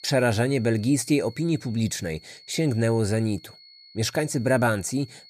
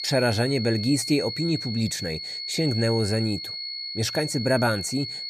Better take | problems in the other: first | high-pitched whine; loud; throughout; 4.5 kHz, 5 dB below the speech; faint in the first

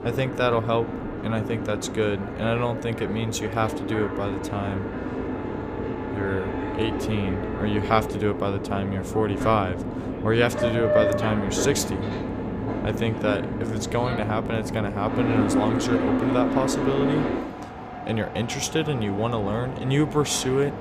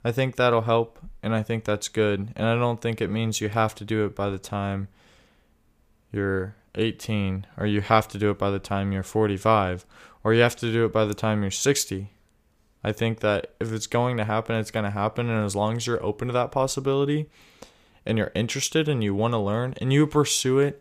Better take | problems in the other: second | train or aircraft noise; loud; throughout; 2 dB below the speech

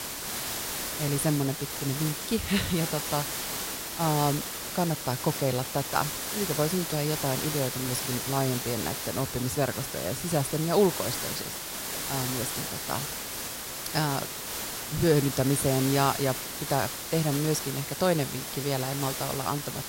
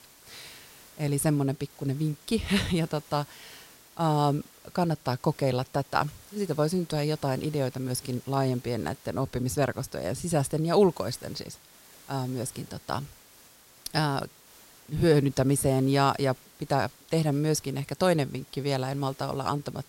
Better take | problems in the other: second | hiss; loud; throughout; 3 dB below the speech; faint in the second

